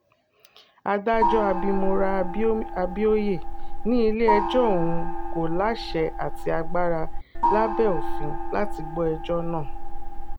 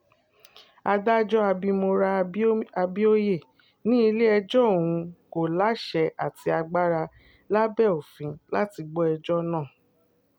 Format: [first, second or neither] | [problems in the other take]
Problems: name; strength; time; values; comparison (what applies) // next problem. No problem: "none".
second | background sound (Gong); 1 dB above the speech